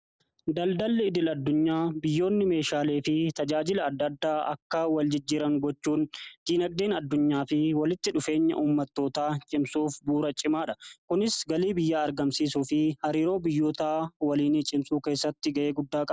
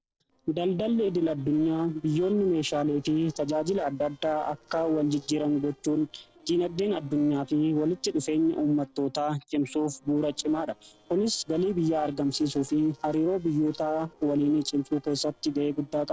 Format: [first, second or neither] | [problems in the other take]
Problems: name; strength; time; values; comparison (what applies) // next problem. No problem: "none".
first | noise reduction (neural separator model SepFormer DNS4)